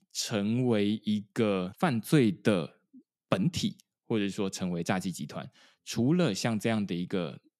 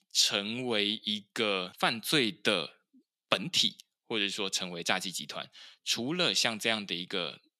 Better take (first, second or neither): first